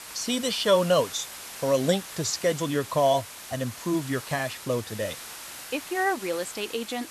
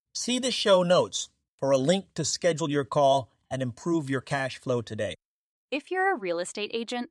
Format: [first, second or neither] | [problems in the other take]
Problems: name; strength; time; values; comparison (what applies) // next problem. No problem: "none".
second | hiss; noticeable; throughout; 10 dB below the speech